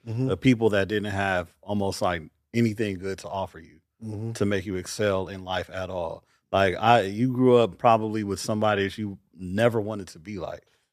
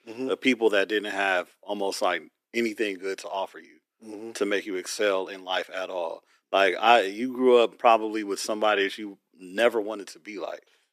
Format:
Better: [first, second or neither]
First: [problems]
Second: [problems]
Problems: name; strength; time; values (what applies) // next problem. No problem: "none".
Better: first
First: none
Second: thin; somewhat; fading below 300 Hz